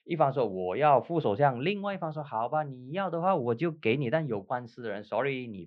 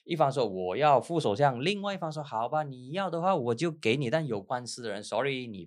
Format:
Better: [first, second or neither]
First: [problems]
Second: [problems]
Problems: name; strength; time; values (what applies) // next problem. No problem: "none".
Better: second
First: muffled; very; fading above 3 kHz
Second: none